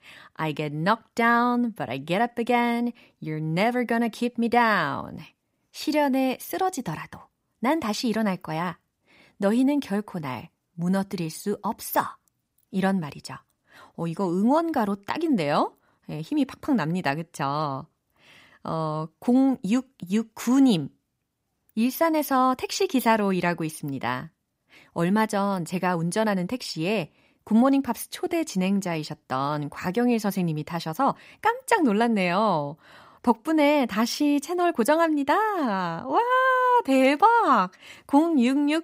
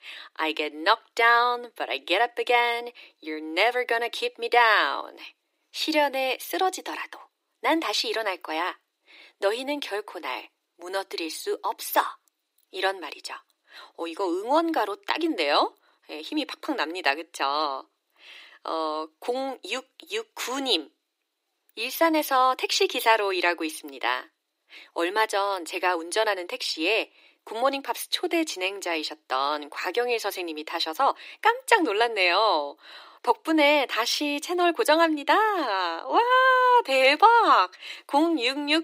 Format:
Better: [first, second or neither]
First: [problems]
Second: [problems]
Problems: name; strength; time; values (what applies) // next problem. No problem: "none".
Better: first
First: none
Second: thin; very; fading below 300 Hz